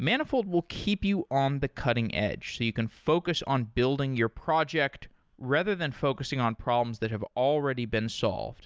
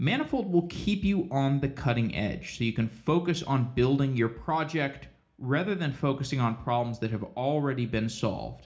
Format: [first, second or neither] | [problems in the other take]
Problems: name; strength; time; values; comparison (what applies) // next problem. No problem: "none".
first | room echo; dies away in 0.4 s